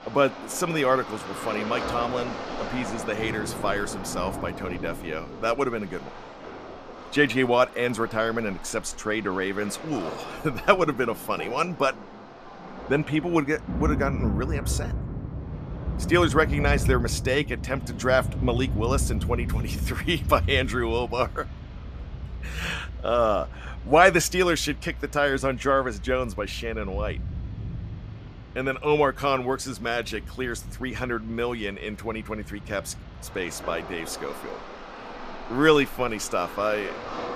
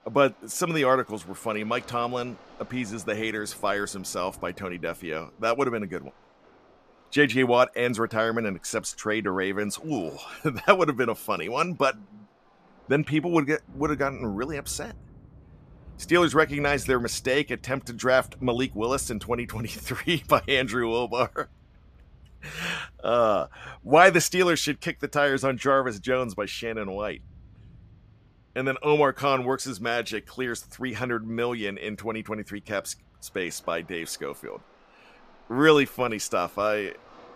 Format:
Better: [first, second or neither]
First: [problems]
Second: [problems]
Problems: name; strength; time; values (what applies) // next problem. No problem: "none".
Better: second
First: rain or running water; loud; throughout; 9 dB below the speech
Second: rain or running water; faint; throughout; 25 dB below the speech